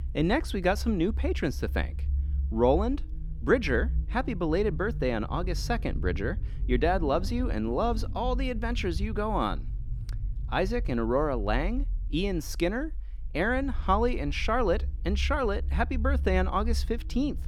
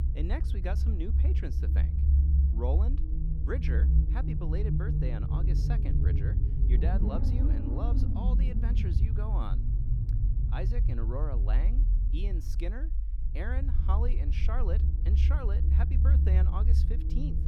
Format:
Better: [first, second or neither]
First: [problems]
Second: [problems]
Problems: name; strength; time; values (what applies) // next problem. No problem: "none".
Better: first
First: low rumble; faint; throughout; 20 dB below the speech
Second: low rumble; loud; throughout; 2 dB below the speech